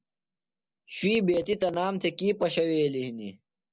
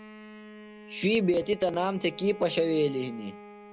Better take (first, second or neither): first